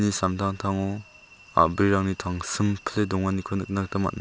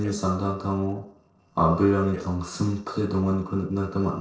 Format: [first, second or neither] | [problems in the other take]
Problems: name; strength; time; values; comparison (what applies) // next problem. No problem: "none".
first | noise reduction (neural separator model SepFormer DNS4)